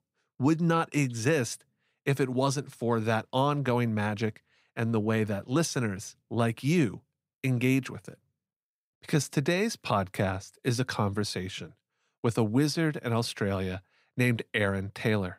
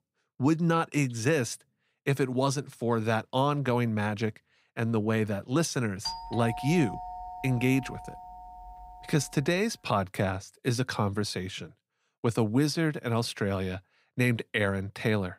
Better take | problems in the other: first | doorbell; noticeable; from 6 to 9 s; peak 6 dB below the speech

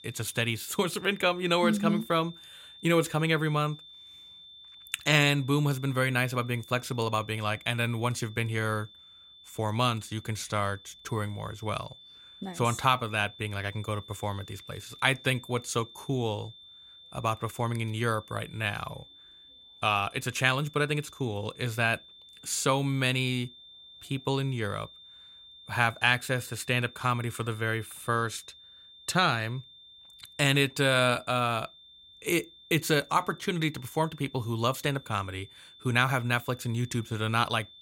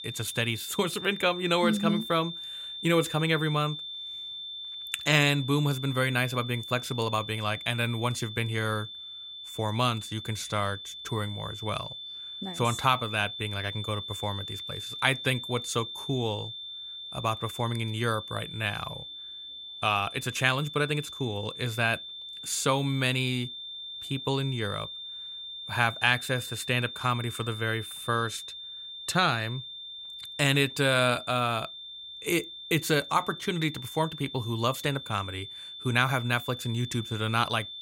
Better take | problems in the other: first | high-pitched whine; loud; throughout; 3.5 kHz, 9 dB below the speech; faint in the first

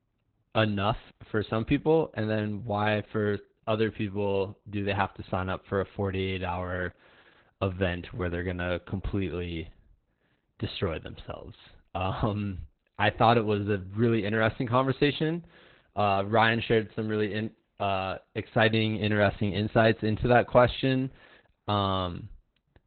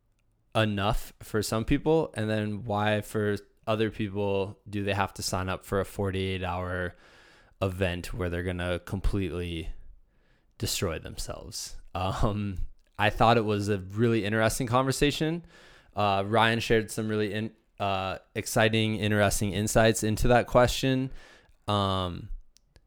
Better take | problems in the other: second | garbled, watery; badly; nothing above 4 kHz

